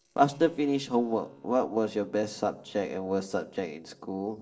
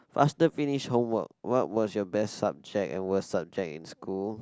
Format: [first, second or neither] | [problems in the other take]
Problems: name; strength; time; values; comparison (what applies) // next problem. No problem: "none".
second | noise reduction (neural separator model SepFormer DNS4)